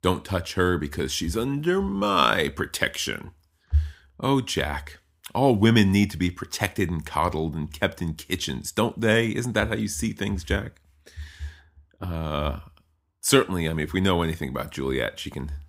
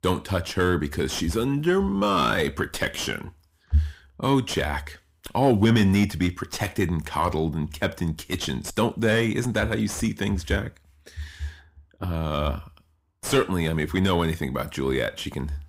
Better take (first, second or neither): first